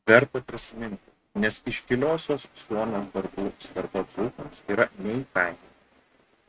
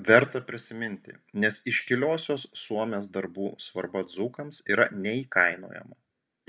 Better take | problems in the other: second | noise reduction (neural mask model RNNoise)

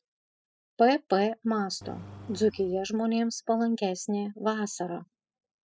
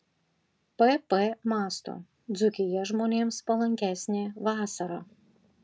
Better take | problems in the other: second | noise reduction (classical method spectral subtraction)

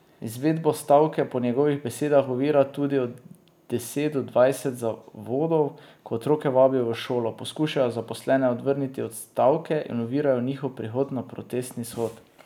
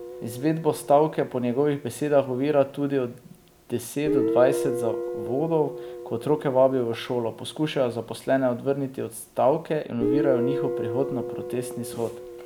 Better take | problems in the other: first | background sound (Guitar); 7 dB below the speech

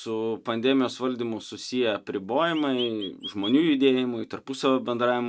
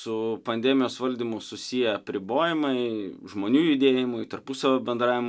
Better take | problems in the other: second | noise reduction (neural mask model RNNoise)

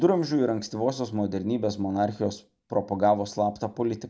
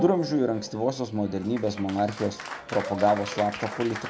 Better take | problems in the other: first | background sound (Applause); 10 dB below the speech

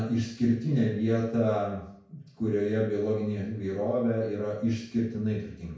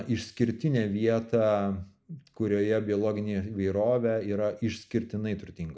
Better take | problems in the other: second | room echo; dies away in 0.5 s

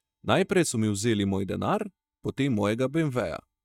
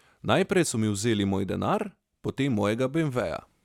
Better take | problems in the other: second | noise reduction (neural mask model DeepFilterNet 3)

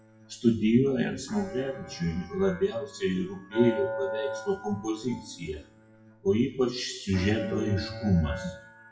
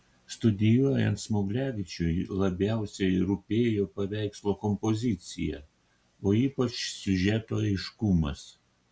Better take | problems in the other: second | noise reduction (classical method WPE with log-MMSE)

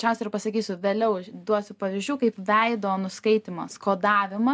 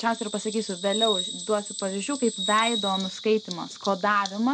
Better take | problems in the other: first | background sound (Bird vocalization, bird call, bird song); 7 dB below the speech

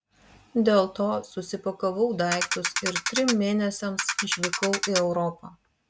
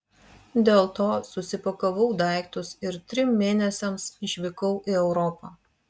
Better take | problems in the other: second | background sound (Ratchet, pawl); 2 dB below the speech

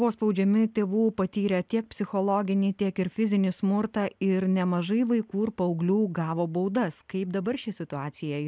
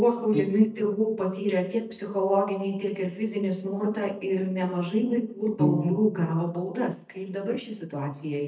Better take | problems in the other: first | noise reduction (neural mask model DeepFilterNet 3)

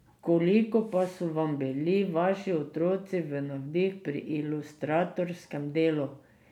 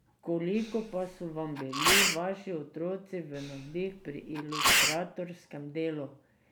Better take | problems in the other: first | background sound (Sneeze); 5 dB above the speech

